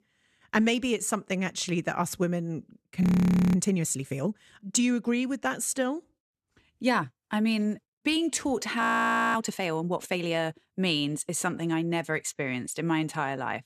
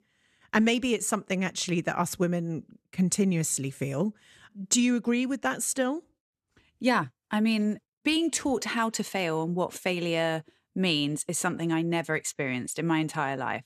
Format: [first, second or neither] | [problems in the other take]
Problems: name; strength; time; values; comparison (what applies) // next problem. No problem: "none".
second | audio freezing; at 3 s for 0.5 s and at 9 s for 0.5 s